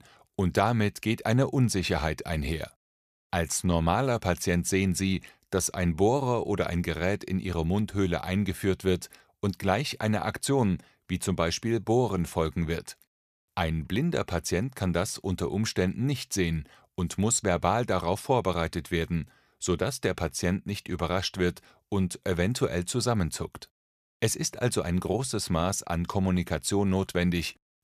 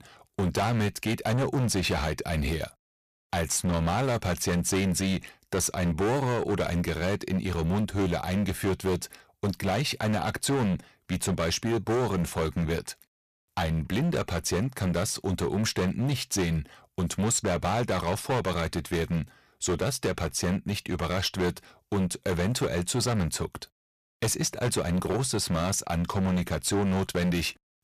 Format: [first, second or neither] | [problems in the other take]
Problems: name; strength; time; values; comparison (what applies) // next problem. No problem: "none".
first | distortion; heavy; 16% of the sound clipped